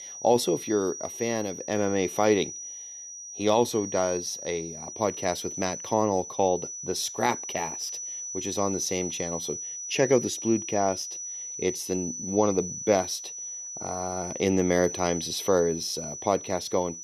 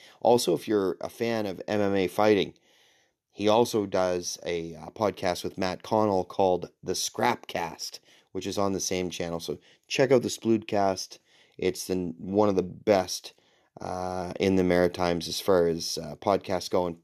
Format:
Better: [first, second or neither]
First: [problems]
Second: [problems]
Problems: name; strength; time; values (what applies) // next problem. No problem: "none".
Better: second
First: high-pitched whine; loud; throughout; 6 kHz, 7 dB below the speech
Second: none